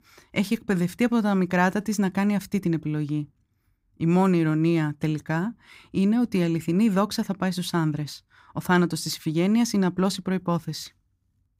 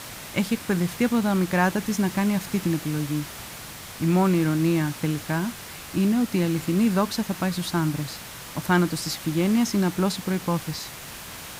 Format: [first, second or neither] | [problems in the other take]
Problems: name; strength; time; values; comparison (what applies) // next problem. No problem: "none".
first | hiss; noticeable; throughout; 10 dB below the speech